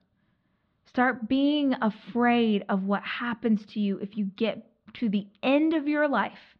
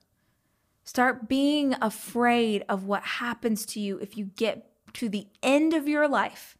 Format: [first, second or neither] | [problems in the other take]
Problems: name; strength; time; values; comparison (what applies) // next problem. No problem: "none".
second | muffled; slightly; fading above 4 kHz